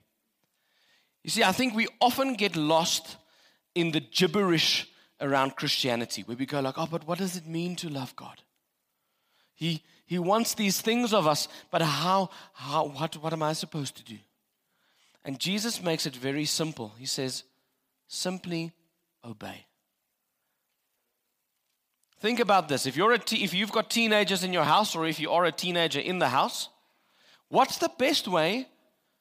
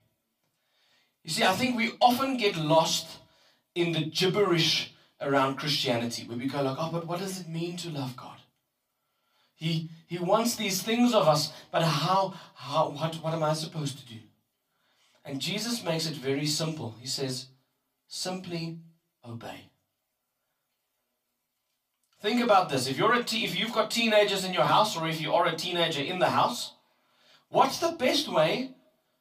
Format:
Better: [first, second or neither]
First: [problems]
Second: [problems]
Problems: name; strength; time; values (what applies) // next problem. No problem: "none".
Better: first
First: none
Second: off-mic speech; far // room echo; very slight; dies away in 0.2 s